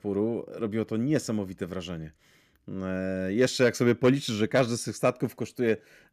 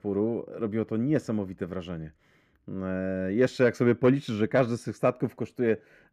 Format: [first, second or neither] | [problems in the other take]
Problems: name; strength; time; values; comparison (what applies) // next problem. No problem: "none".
first | muffled; slightly; fading above 3 kHz